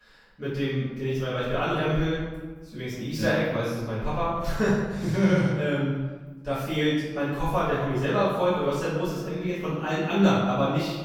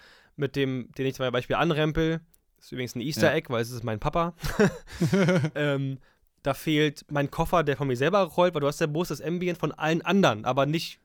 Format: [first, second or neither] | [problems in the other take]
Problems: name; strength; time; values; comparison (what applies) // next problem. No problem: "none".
second | room echo; strong; dies away in 1.2 s // off-mic speech; far